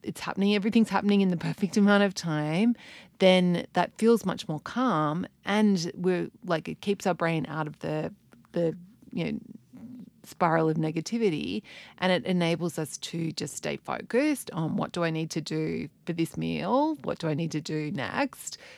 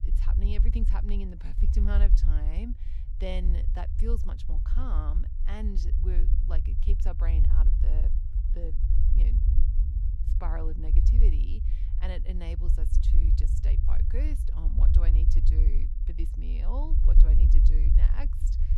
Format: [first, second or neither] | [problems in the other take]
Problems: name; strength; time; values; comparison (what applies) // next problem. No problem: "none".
first | low rumble; loud; throughout; 3 dB below the speech